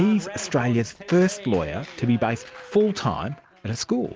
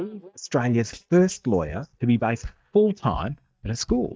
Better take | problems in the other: first | noise reduction (neural mask model DeepFilterNet 3)

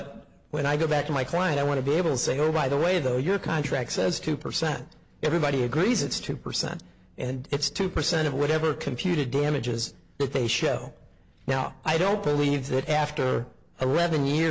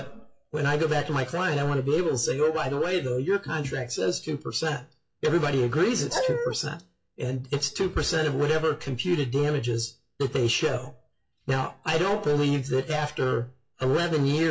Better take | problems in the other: first | noise reduction (classical method WPE with log-MMSE)

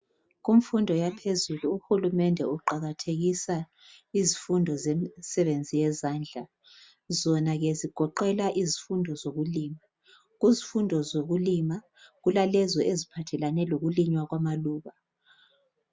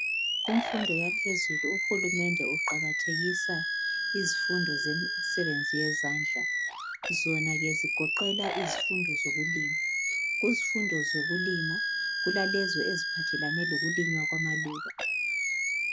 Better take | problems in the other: first | background sound (Animal); 4 dB above the speech

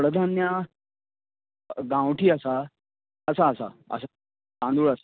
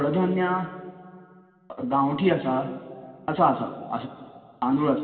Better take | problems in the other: first | room echo; dies away in 2.2 s

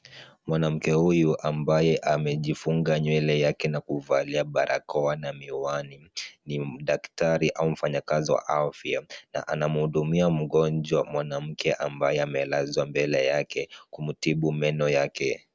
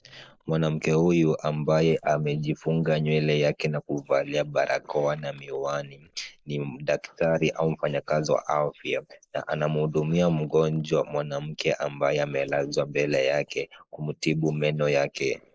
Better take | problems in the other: first | noise reduction (neural mask model Resemble Enhance denoiser)

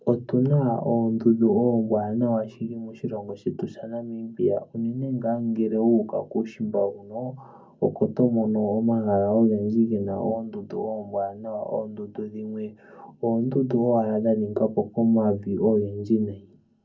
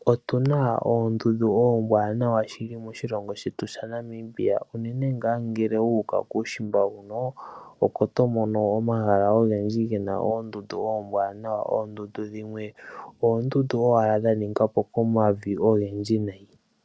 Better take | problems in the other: second | room echo; dies away in 0.3 s

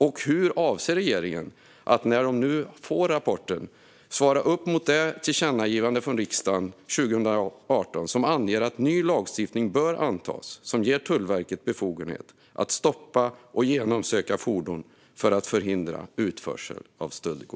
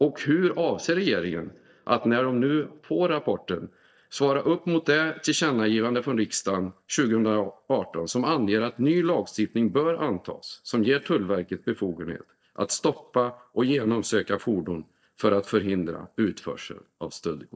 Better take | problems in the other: first | noise reduction (neural mask model DeepFilterNet 3)

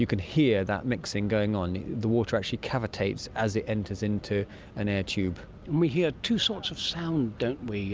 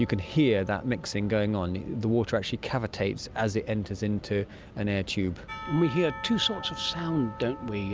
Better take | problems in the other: first | background sound (Church bell / Percussion); 17 dB below the speech

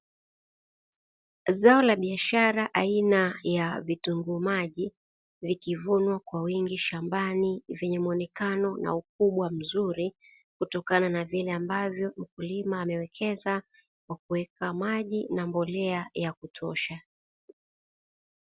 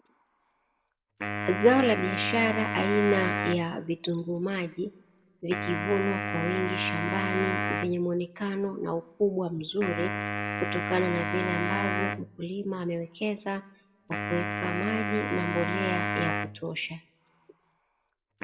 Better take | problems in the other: first | background sound (Wind instrument, woodwind instrument); 3 dB below the speech // room echo; dies away in 0.5 s

